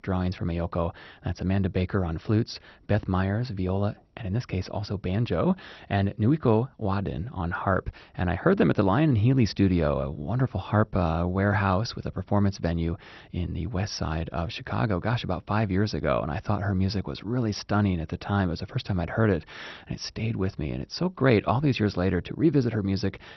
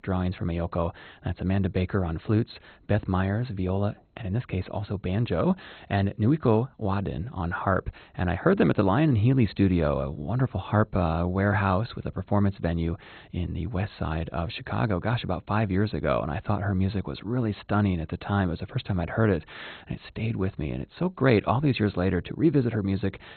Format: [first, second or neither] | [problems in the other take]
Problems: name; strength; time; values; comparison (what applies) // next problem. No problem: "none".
first | garbled, watery; badly; nothing above 4 kHz; slightly in the first